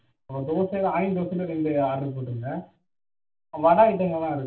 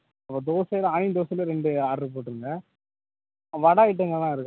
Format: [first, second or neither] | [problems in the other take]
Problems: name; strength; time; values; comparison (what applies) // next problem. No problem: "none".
second | room echo; dies away in 0.2 s